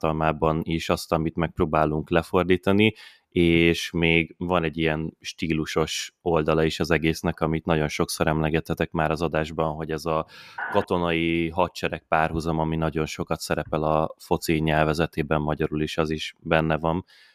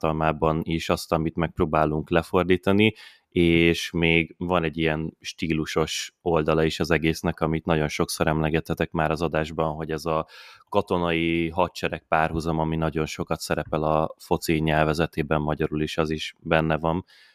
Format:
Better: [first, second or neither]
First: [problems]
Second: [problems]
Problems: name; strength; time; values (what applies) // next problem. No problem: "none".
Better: second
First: phone ringing; noticeable; at 11 s; peak 8 dB below the speech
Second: none